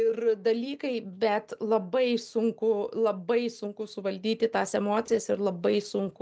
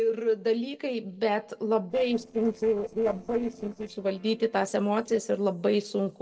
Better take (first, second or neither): first